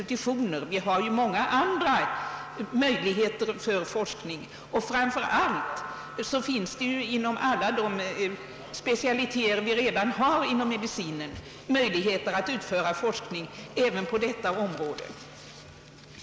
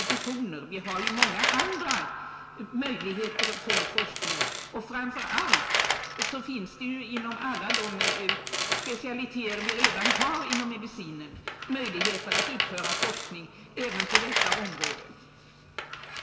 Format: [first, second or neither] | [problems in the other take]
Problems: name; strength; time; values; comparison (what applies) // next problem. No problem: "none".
first | background sound (Tools); 3 dB above the speech // room echo; dies away in 1.7 s